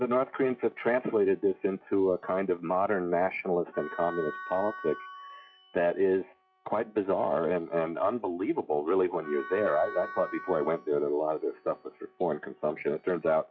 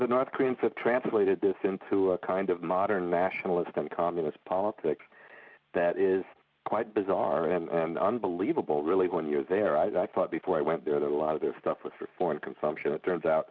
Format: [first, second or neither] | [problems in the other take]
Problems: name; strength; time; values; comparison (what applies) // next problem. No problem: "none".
second | noise reduction (classical method log-MMSE)